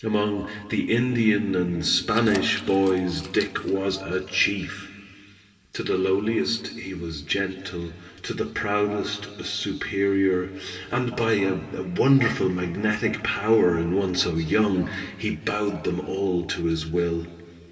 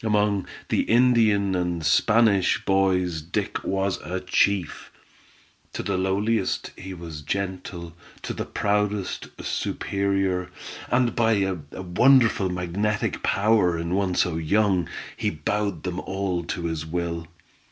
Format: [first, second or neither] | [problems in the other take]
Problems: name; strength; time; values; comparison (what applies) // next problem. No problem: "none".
second | background sound (Keys jangling); 16 dB below the speech // room echo; dies away in 2.3 s